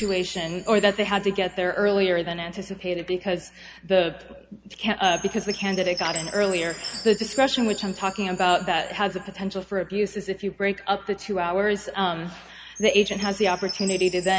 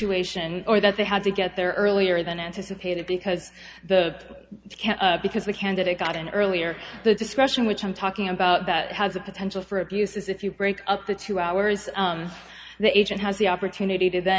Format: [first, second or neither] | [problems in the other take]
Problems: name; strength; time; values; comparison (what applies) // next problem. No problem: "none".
second | background sound (Chime); 16 dB below the speech